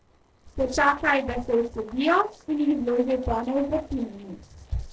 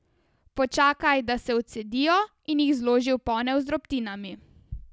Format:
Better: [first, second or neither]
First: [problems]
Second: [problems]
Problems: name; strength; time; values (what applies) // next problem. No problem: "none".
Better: second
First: noise reduction (neural separator model SepFormer DNS4)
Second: none